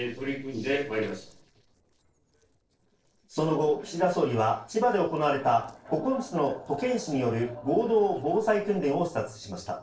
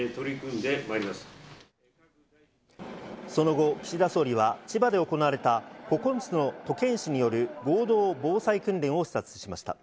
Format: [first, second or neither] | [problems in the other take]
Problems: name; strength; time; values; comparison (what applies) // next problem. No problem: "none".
second | noise reduction (neural separator model SepFormer DNS4)